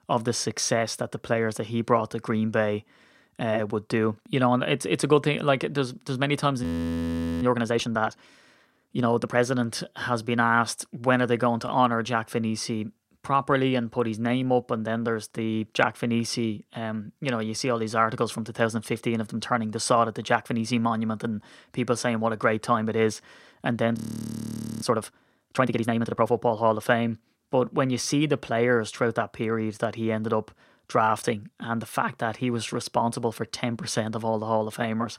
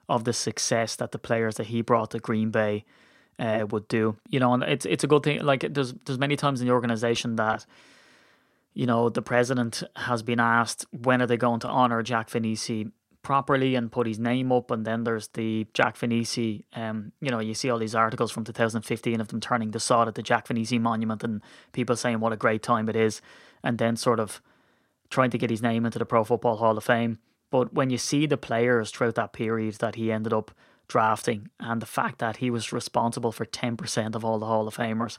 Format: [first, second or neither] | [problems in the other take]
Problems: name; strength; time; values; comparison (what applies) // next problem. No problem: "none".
second | audio freezing; at 6.5 s for 1 s and at 24 s for 1 s